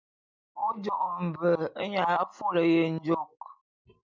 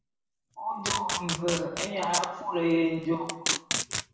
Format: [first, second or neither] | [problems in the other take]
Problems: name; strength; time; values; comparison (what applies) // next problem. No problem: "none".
first | background sound (Packing tape, duct tape); 4 dB below the speech // room echo; dies away in 0.9 s